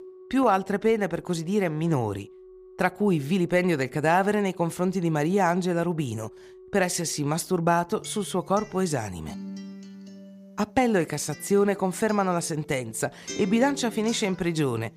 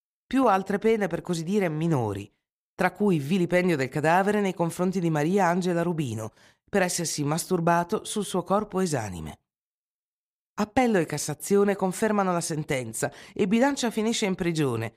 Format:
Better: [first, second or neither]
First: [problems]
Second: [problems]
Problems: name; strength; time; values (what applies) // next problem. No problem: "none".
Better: second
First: background music; noticeable; throughout; 20 dB below the speech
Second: none